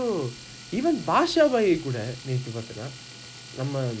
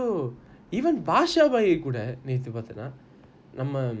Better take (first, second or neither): second